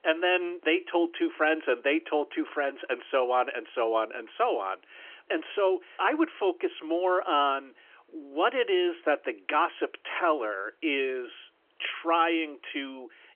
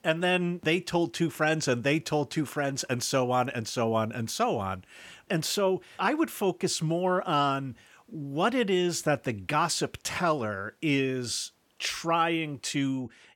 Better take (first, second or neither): second